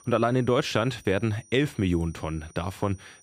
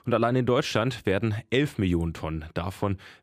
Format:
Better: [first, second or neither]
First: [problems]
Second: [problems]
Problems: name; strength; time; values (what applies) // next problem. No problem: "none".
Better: second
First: high-pitched whine; faint; throughout; 6 kHz, 25 dB below the speech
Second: none